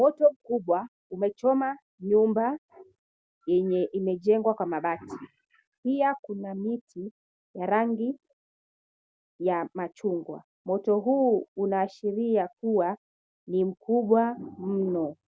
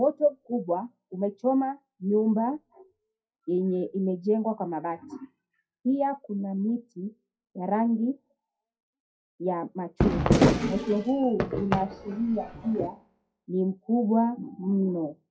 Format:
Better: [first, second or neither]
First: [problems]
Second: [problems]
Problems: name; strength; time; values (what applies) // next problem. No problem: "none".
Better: first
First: none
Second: noise reduction (classical method WPE with log-MMSE)